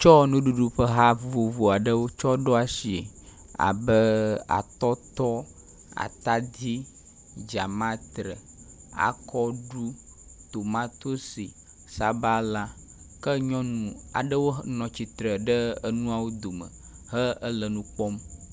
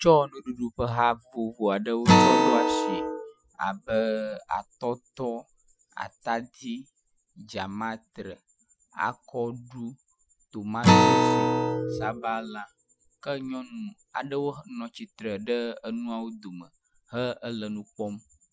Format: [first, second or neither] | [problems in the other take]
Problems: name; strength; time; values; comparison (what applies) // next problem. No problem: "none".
first | noise reduction (classical method Wiener filter)